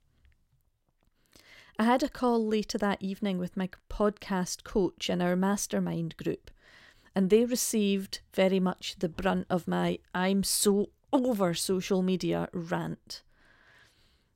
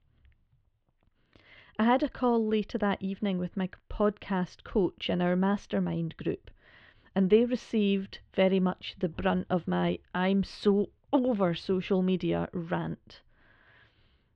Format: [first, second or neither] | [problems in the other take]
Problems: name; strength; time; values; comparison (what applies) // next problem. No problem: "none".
first | muffled; very; fading above 3 kHz